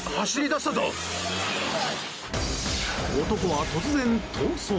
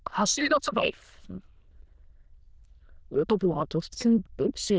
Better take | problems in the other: first | noise reduction (neural diffusion model UNIVERSE++)

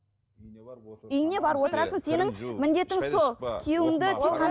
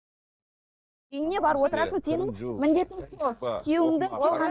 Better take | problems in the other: first | noise reduction (neural mask model DeepFilterNet 3)

